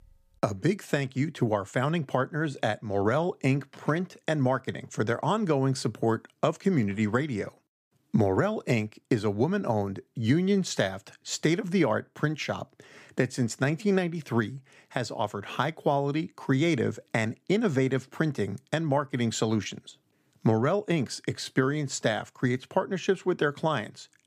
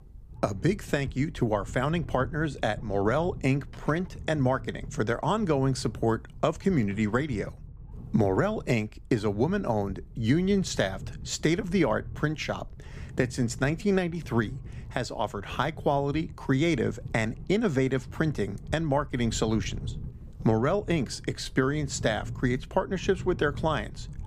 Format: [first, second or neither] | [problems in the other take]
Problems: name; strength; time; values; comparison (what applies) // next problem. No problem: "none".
first | low rumble; faint; throughout; 25 dB below the speech